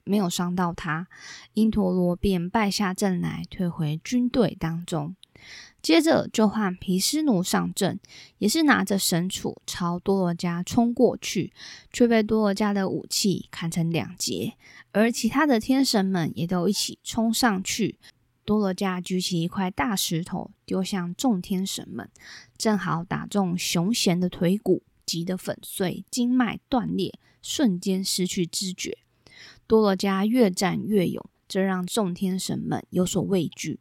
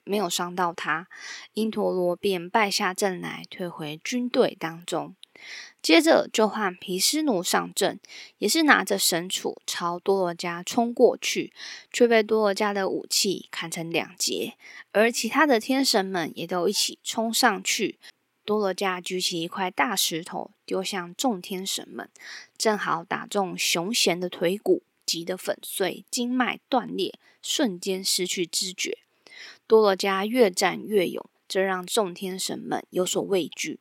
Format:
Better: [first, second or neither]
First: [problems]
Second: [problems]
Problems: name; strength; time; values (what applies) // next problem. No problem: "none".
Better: first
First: none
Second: thin; somewhat; fading below 400 Hz